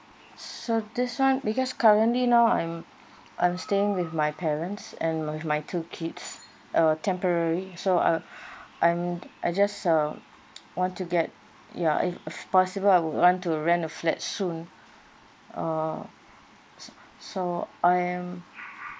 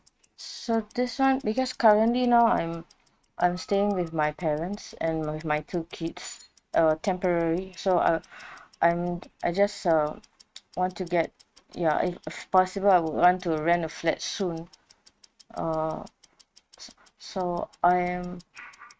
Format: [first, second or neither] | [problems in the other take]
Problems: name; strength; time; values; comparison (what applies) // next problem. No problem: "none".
first | noise reduction (neural mask model RNNoise)